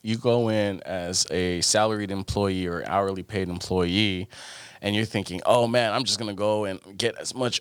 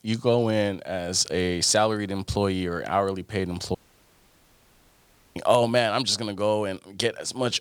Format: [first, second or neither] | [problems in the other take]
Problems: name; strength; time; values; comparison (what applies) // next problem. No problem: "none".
first | audio cutting out; at 4 s for 1.5 s